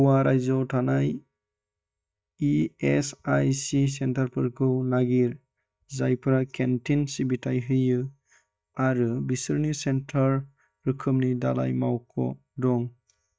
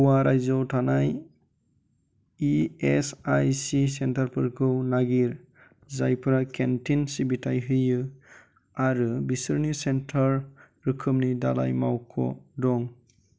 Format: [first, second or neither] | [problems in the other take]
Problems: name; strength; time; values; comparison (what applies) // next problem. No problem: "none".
second | noise reduction (neural mask model DeepFilterNet 3)